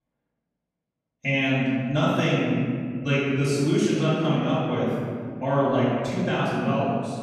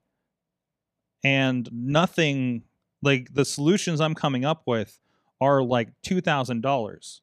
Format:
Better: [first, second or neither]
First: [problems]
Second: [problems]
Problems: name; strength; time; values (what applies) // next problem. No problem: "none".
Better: second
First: off-mic speech; far // room echo; strong; dies away in 2.2 s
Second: none